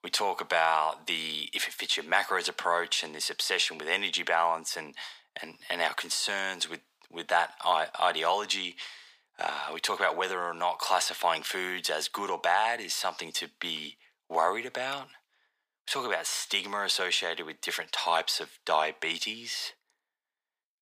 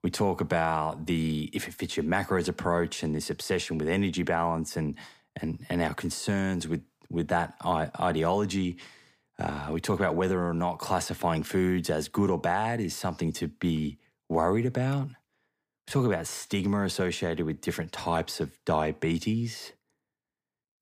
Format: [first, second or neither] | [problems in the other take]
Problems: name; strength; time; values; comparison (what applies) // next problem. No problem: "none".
second | thin; very; fading below 850 Hz